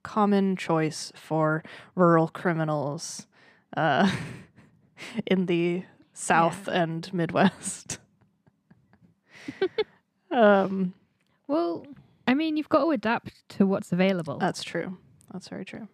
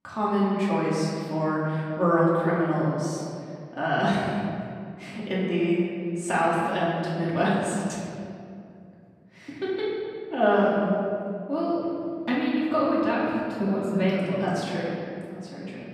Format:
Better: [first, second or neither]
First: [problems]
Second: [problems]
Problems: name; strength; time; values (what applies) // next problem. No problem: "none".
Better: first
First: none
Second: off-mic speech; far // room echo; strong; dies away in 2.2 s